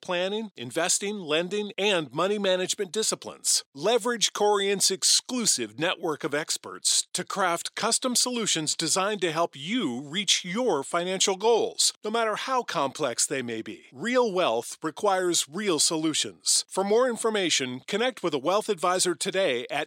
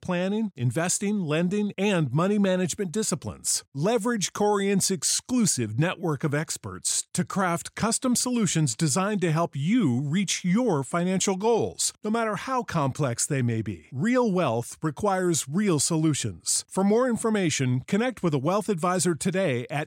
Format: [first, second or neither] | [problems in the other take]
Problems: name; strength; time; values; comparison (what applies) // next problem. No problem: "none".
second | thin; somewhat; fading below 400 Hz